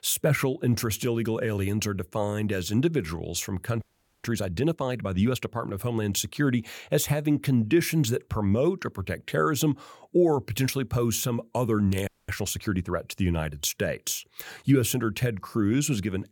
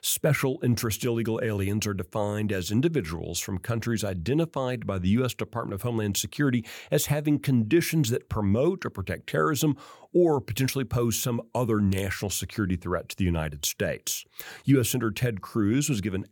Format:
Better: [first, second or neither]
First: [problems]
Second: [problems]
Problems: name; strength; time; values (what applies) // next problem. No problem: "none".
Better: second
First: audio freezing; at 4 s and at 12 s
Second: none